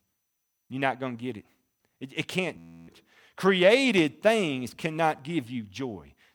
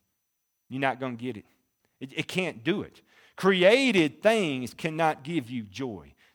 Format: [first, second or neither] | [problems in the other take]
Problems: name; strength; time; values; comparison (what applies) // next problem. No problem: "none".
second | audio freezing; at 2.5 s